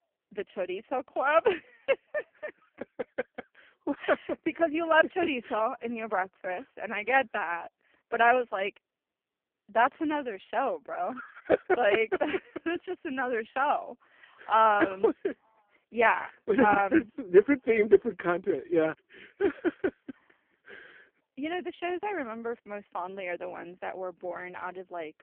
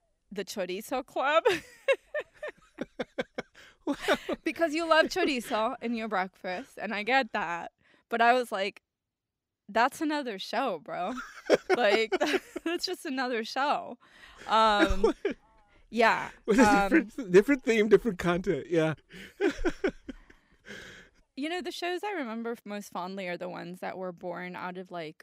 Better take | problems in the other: second | phone-call audio; poor line

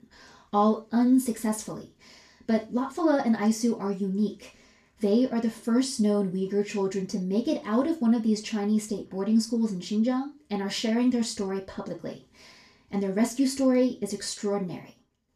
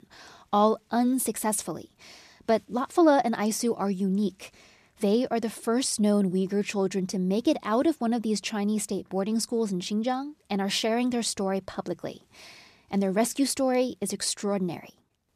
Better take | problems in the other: second | room echo; slight; dies away in 0.3 s // off-mic speech; far

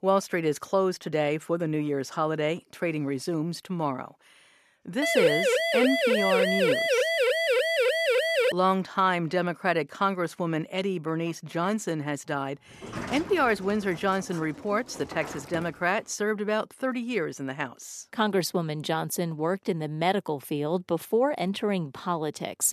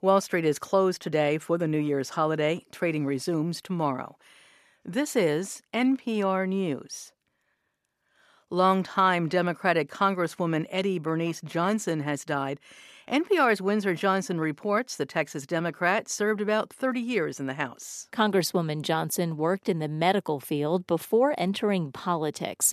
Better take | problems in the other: second | siren; loud; from 5 to 8.5 s; peak 5 dB above the speech // door banging; noticeable; from 13 to 16 s; peak 7 dB below the speech

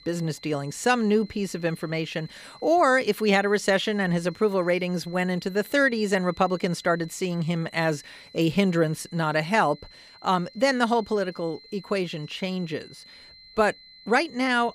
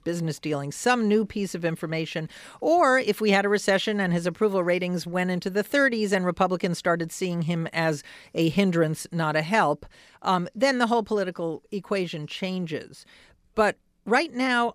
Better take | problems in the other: second | high-pitched whine; faint; throughout; 4 kHz, 25 dB below the speech

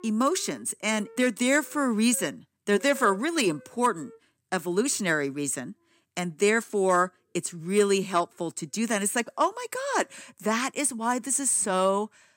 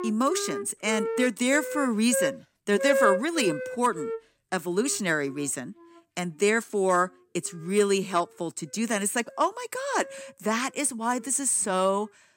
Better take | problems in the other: first | background music; loud; throughout; 5 dB below the speech; faint in the first

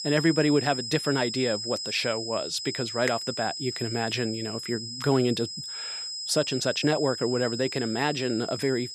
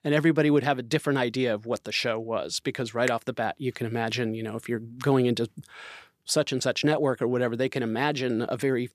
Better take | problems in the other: second | high-pitched whine; loud; throughout; 5 kHz, 6 dB below the speech

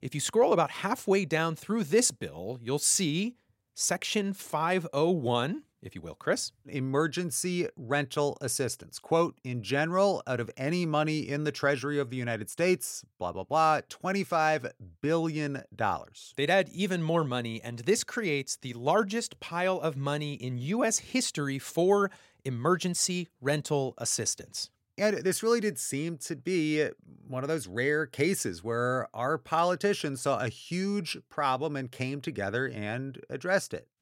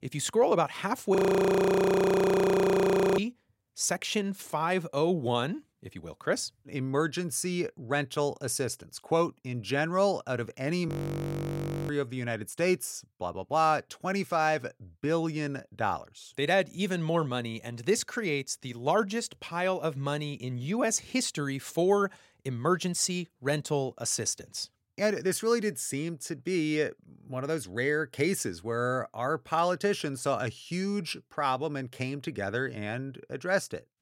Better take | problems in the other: first | audio freezing; at 1 s for 2 s and at 11 s for 1 s

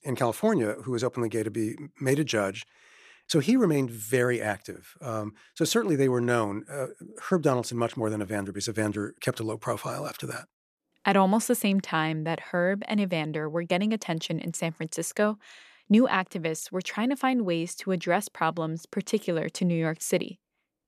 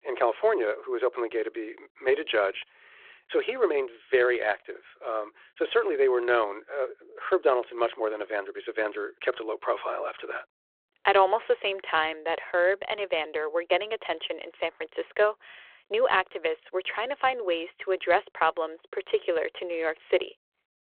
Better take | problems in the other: first | phone-call audio

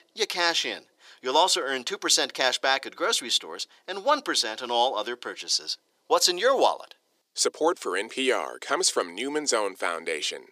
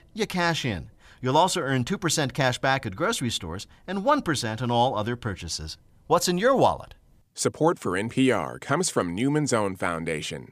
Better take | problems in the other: second | thin; somewhat; fading below 350 Hz

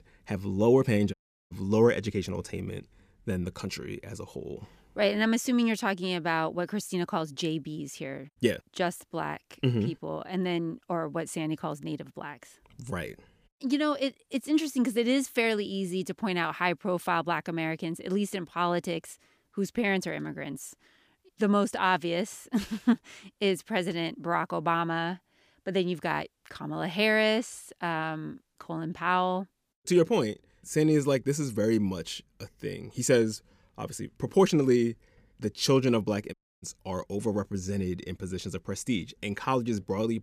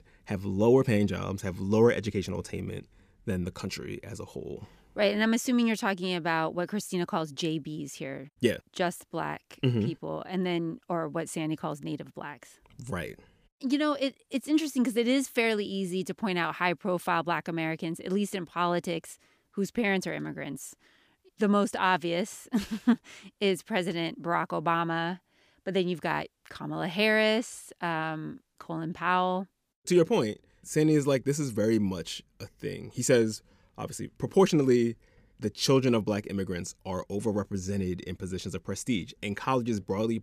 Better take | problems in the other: second | audio cutting out; at 1 s and at 36 s

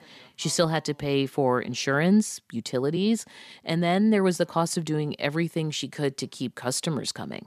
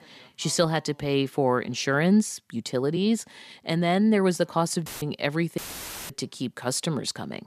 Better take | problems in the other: first | audio cutting out; filled with static; at 5 s and at 5.5 s for 0.5 s

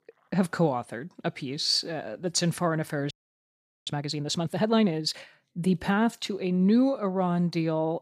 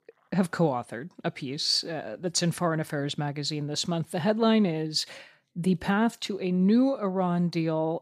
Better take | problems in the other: second | audio freezing; at 3 s for 1 s

